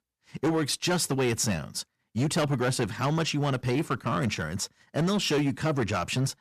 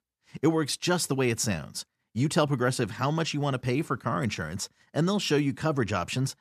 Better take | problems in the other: second | distortion; slight; 10% of the sound clipped

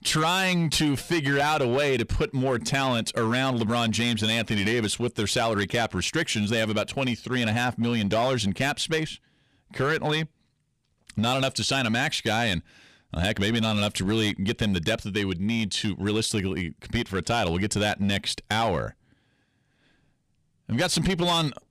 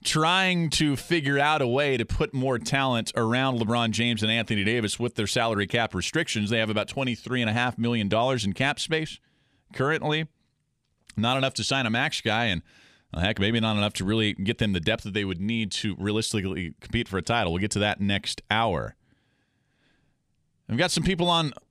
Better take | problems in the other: second | distortion; slight; 8% of the sound clipped

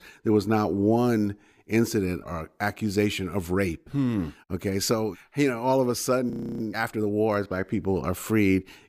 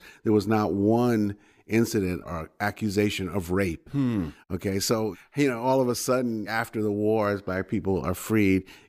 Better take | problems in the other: second | audio freezing; at 6.5 s

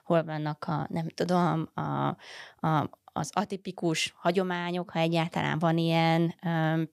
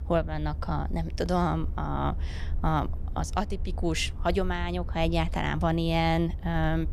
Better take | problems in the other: first | low rumble; faint; throughout; 20 dB below the speech

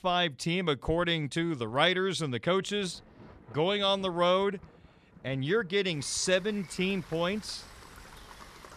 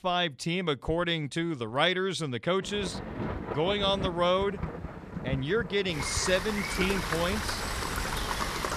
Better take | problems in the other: first | rain or running water; loud; from 3 s on; 5 dB below the speech; faint in the first

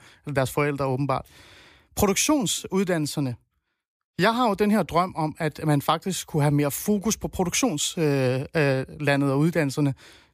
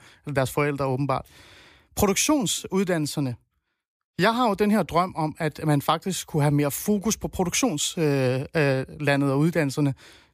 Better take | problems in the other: neither | none

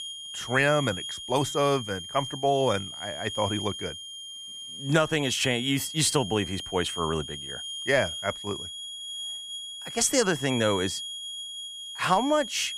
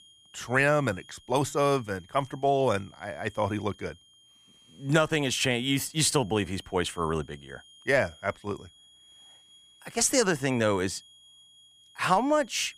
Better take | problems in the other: second | high-pitched whine; loud; throughout; 3.5 kHz, 8 dB below the speech; faint in the second

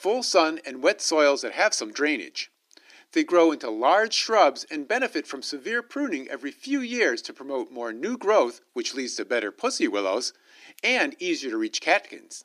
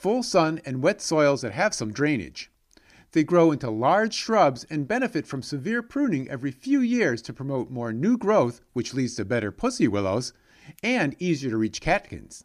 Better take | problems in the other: second | thin; somewhat; fading below 300 Hz

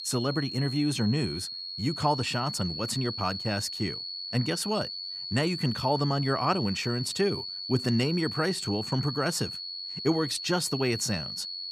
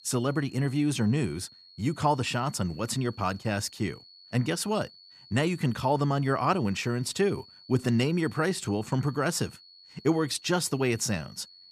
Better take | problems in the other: second | high-pitched whine; loud; throughout; 4.5 kHz, 5 dB below the speech; faint in the second

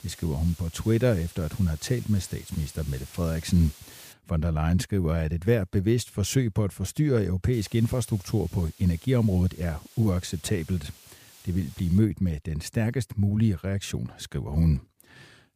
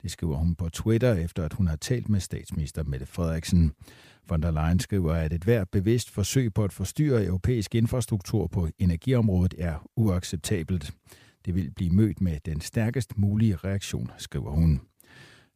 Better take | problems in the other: second | hiss; faint; until 4 s and from 7.5 to 12 s; 20 dB below the speech

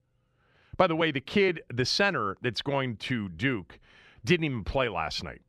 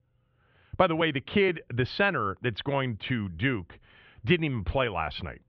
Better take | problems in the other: first | muffled; slightly; fading above 3.5 kHz

